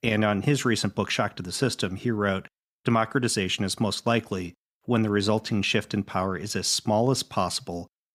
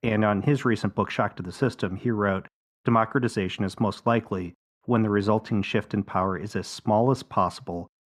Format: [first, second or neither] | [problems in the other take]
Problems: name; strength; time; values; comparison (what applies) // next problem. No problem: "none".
first | muffled; slightly; fading above 3 kHz